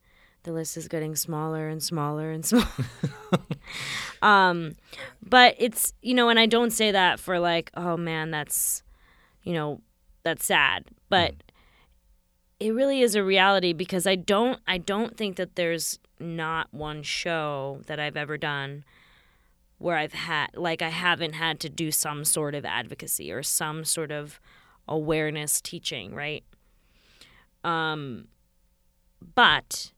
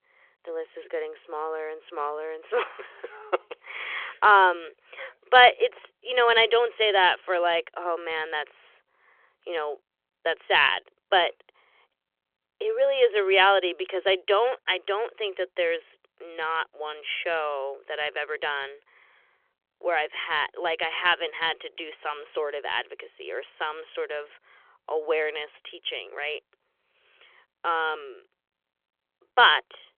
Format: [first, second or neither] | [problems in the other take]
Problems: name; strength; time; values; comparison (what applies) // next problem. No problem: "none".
first | phone-call audio; nothing above 3.5 kHz